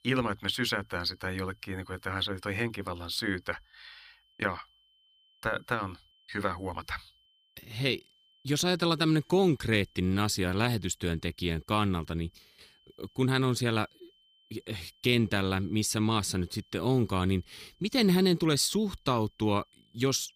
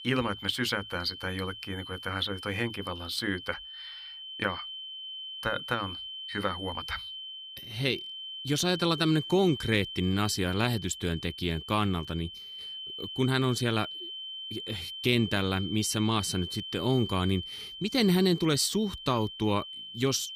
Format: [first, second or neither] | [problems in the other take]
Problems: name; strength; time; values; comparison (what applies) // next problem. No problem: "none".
first | high-pitched whine; loud; throughout; 3 kHz, 9 dB below the speech; faint in the first